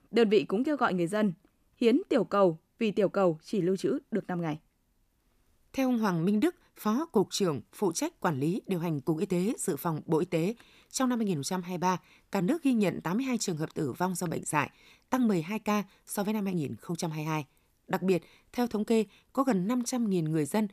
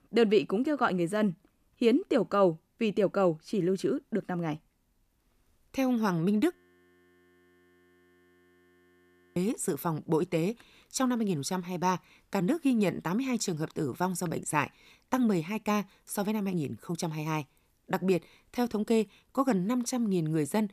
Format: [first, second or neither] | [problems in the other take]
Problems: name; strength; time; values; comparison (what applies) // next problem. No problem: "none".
first | audio freezing; at 6.5 s for 3 s